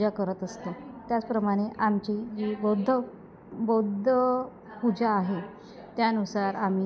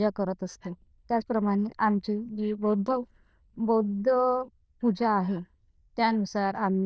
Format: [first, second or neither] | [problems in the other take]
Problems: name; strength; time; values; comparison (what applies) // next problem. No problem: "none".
first | noise reduction (neural diffusion model UNIVERSE++)